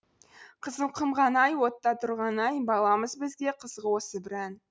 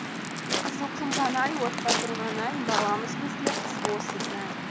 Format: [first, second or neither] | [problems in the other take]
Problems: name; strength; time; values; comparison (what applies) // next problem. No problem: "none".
first | background sound (Waves, surf); 1 dB above the speech